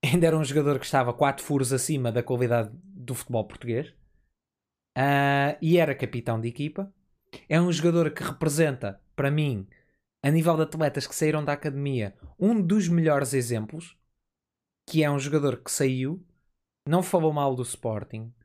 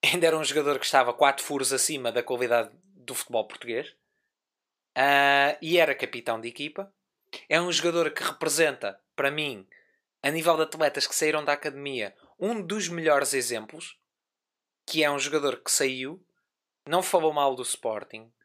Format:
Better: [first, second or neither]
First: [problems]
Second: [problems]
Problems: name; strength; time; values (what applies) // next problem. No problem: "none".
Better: first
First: none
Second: thin; very; fading below 500 Hz